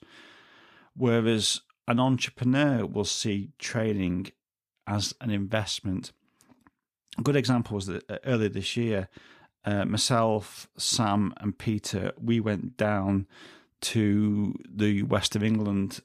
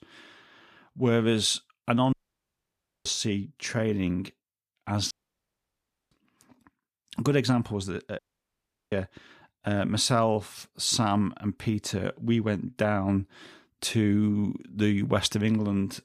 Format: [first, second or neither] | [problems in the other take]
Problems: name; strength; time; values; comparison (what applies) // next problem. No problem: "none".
first | audio cutting out; at 2 s for 1 s, at 5 s for 1 s and at 8 s for 0.5 s